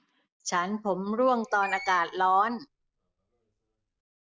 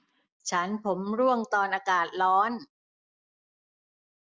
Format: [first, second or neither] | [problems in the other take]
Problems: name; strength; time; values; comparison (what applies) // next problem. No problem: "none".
second | background sound (Screech); 19 dB below the speech